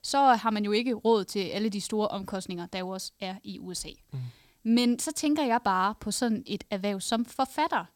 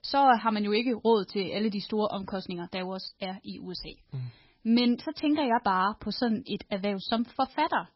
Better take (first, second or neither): first